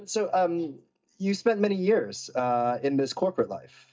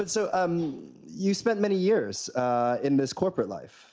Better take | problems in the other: second | noise reduction (neural mask model DeepFilterNet 3)

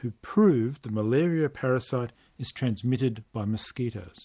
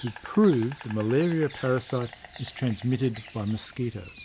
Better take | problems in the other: first | background sound (Insect); 19 dB below the speech

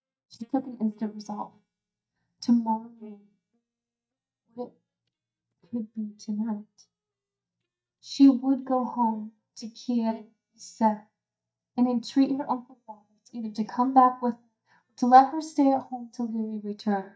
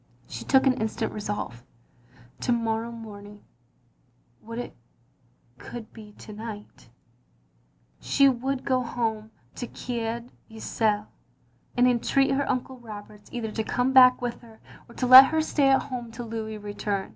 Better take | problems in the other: second | noise reduction (neural mask model DeepFilterNet 3)

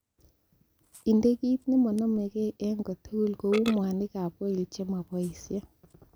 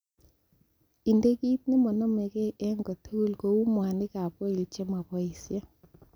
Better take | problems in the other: second | background sound (Burping, eructation); 20 dB below the speech

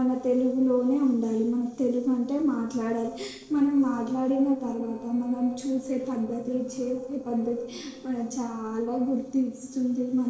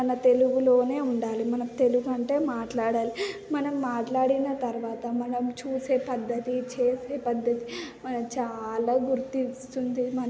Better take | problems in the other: second | noise reduction (neural separator model SepFormer DNS4)

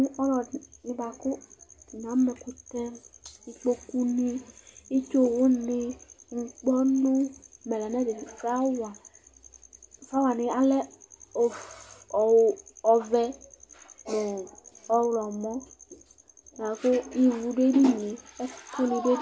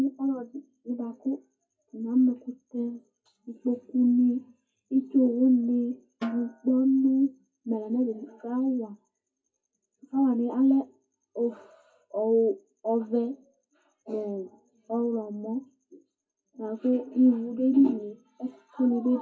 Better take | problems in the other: first | noise reduction (classical method WPE with log-MMSE)

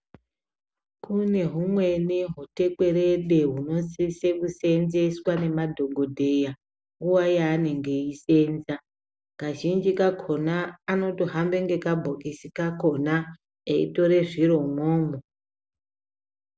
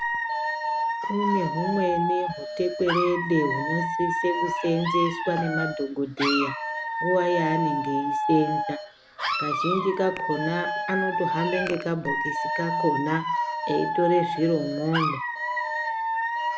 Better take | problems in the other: first | background sound (Alarm / Dog); 1 dB below the speech

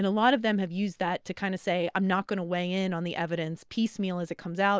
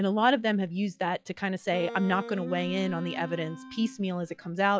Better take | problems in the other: first | noise reduction (classical method log-MMSE)

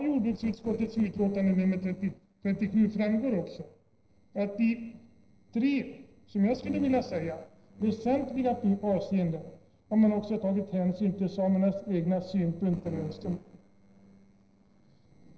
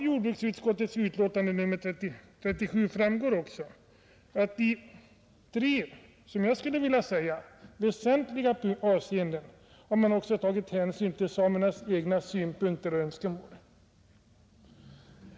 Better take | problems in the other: second | noise reduction (neural separator model SepFormer DNS4)

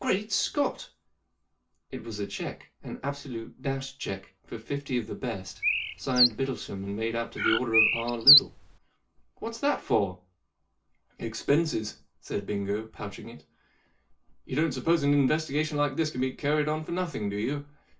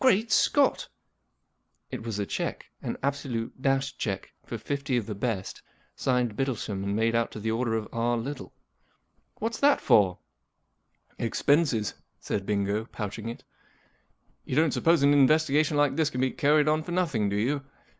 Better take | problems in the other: second | background sound (Bird); 3 dB above the speech // room echo; dies away in 0.2 s

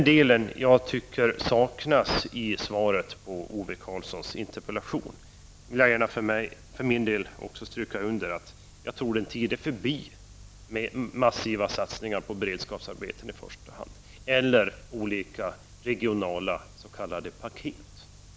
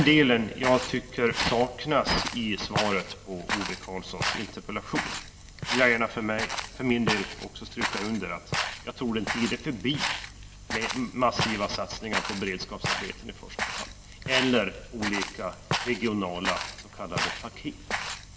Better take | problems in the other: first | background sound (Walk, footsteps); 5 dB below the speech // room echo; dies away in 1.3 s

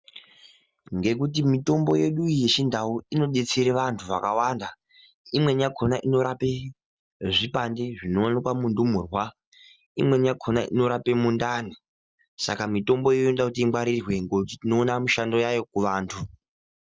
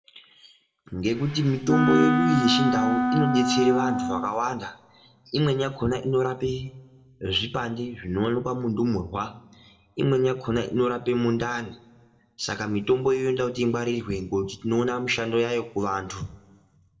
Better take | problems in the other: first | background sound (Wind instrument, woodwind instrument); 2 dB above the speech // room echo; dies away in 1.1 s

